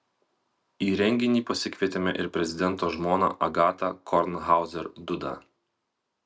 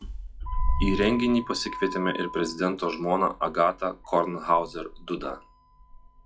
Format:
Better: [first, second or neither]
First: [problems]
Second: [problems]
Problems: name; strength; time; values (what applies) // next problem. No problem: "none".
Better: first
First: none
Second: noise reduction (classical method log-MMSE)